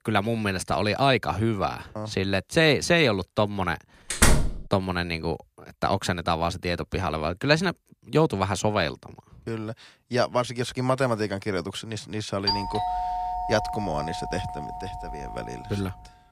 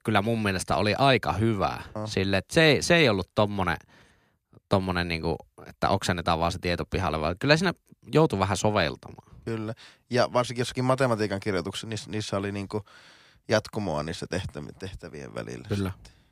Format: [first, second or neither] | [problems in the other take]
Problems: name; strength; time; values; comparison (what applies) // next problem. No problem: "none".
second | door banging; loud; at 4 s; peak 5 dB above the speech // doorbell; loud; from 12 to 16 s; peak level with the speech